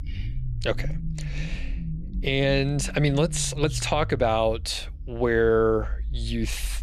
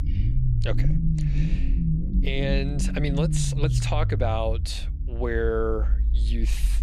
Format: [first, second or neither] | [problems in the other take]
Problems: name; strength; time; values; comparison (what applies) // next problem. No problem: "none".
first | low rumble; loud; throughout; 8 dB below the speech; faint in the first